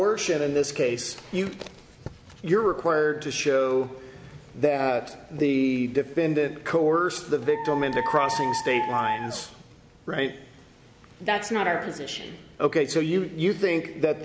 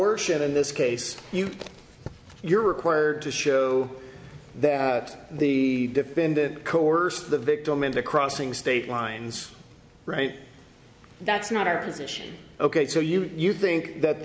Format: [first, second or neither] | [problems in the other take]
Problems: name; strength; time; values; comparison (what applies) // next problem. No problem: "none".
second | background sound (Dog); 4 dB below the speech